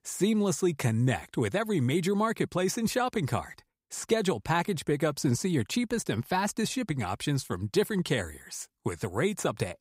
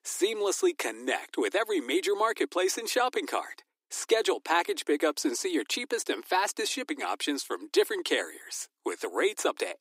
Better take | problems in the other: first | thin; somewhat; fading below 300 Hz

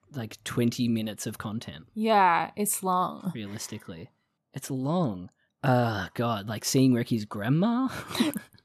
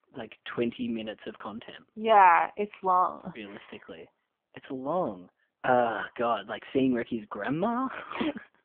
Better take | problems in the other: first | phone-call audio; poor line

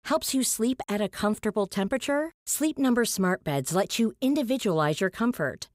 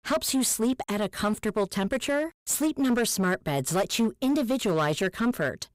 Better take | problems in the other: first | distortion; slight; 11% of the sound clipped

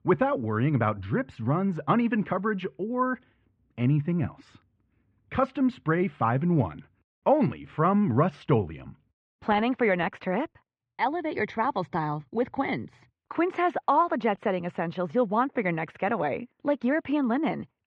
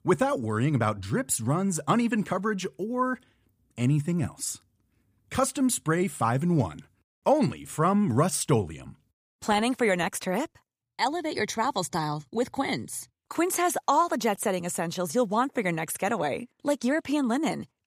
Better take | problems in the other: second | muffled; very; fading above 2.5 kHz

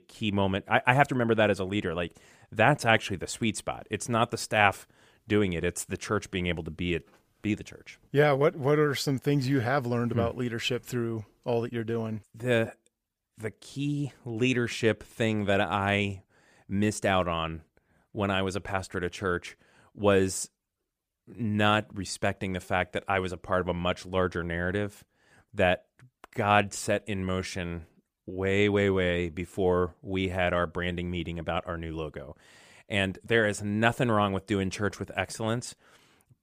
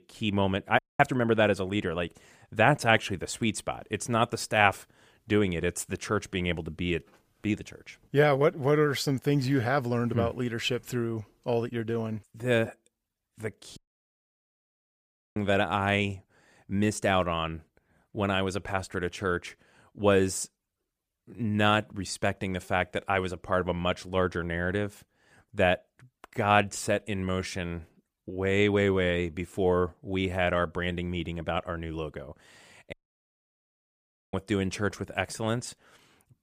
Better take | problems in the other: first | audio cutting out; at 1 s, at 14 s for 1.5 s and at 33 s for 1.5 s

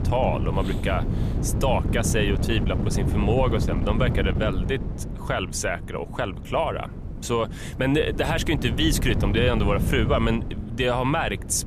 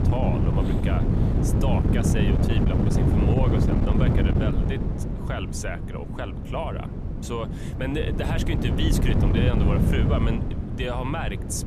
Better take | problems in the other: first | wind noise on the microphone; heavy; as loud as the speech; occasional gusts in the first

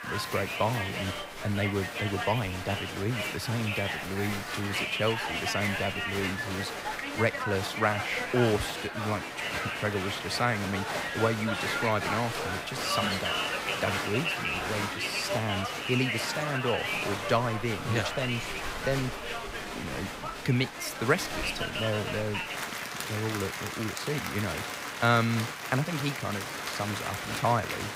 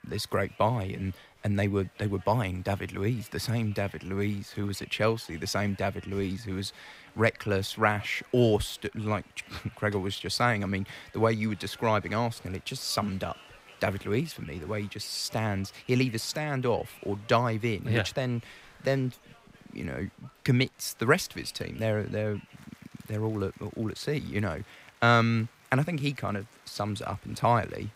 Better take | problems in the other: second | crowd noise; loud; throughout; 1 dB below the speech; faint in the second

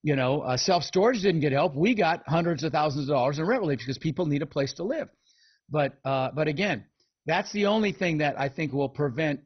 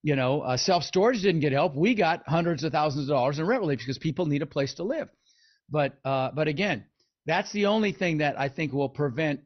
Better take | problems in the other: second | garbled, watery; badly; nothing above 6 kHz; slightly in the second

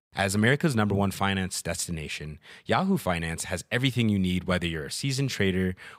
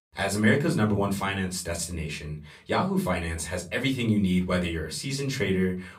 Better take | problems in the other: first | off-mic speech; far // room echo; very slight; dies away in 0.3 s

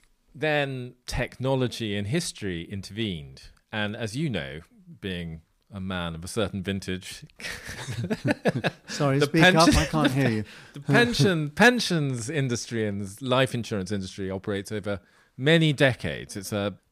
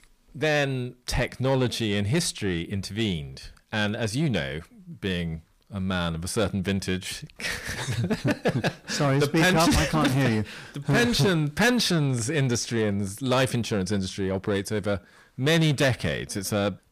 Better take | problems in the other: first | distortion; heavy; 7 dB below the speech

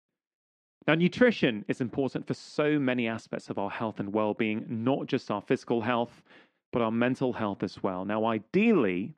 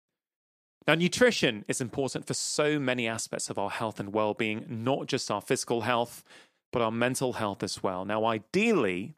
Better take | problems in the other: second | muffled; slightly; fading above 2.5 kHz

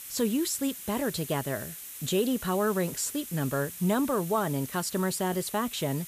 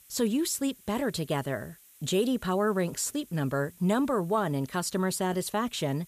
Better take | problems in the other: second | hiss; loud; throughout; 10 dB below the speech; faint in the second

